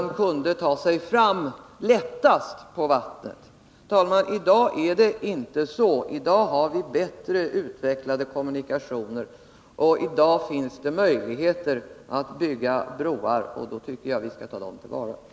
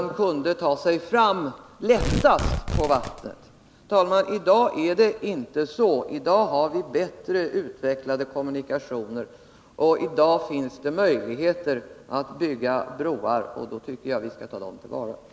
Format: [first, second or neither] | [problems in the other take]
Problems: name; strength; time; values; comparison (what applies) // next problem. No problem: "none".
first | background sound (Tearing); 6 dB below the speech